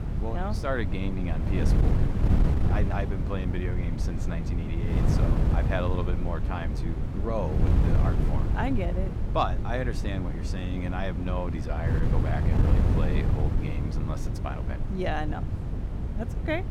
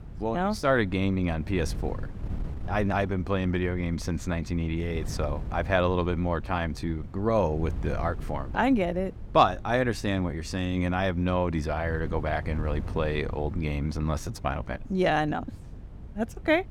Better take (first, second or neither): second